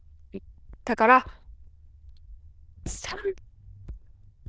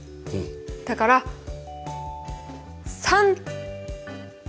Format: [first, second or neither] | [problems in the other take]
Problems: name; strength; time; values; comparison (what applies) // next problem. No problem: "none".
second | noise reduction (neural diffusion model UNIVERSE++)